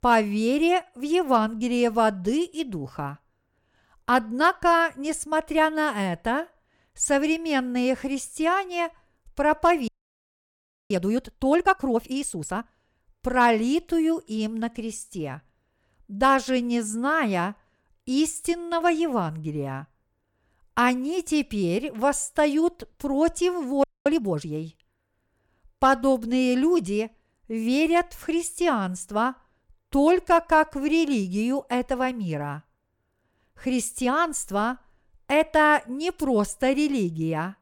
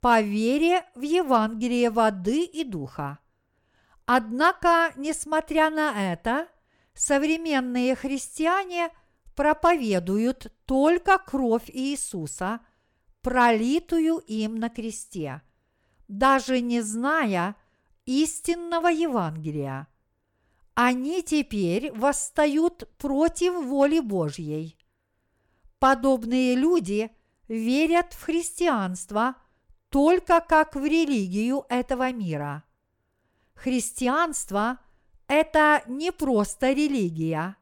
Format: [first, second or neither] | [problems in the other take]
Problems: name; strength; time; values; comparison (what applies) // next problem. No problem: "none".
second | audio freezing; at 10 s for 1 s and at 24 s